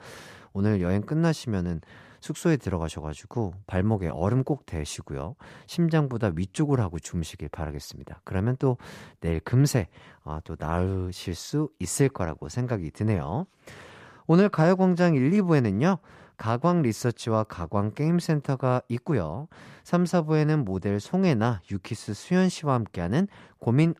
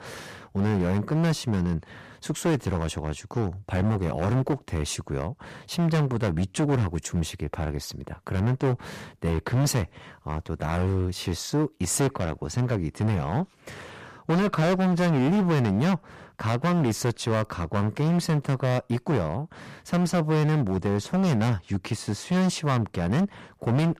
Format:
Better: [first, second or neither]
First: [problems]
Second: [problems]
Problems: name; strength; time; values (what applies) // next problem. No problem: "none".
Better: first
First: none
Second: distortion; heavy; 15% of the sound clipped